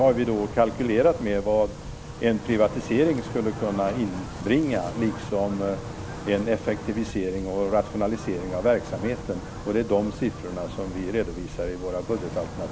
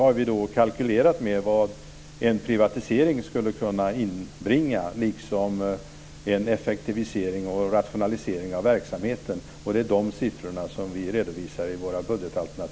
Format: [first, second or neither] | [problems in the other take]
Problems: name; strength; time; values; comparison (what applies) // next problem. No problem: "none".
second | background sound (Wind); 11 dB below the speech